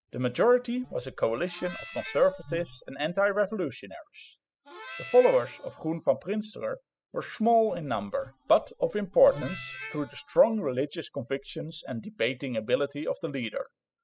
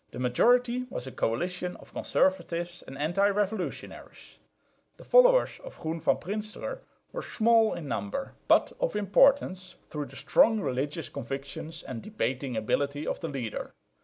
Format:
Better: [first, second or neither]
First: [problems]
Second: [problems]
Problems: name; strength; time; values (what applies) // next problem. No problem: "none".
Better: second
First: noise reduction (classical method spectral subtraction)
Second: none